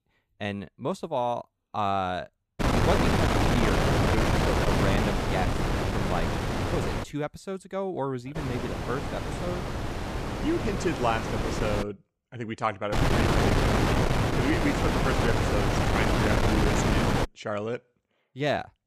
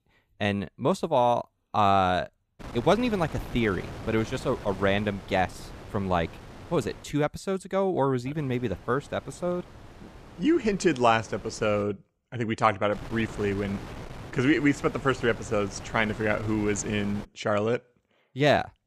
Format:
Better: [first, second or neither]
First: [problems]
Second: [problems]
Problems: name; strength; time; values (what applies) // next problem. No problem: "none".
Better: second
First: wind noise on the microphone; heavy; from 2.5 to 7 s, from 8.5 to 12 s and from 13 to 17 s; 4 dB above the speech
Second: wind noise on the microphone; occasional gusts; from 2.5 to 7 s, from 8.5 to 12 s and from 13 to 17 s; 15 dB below the speech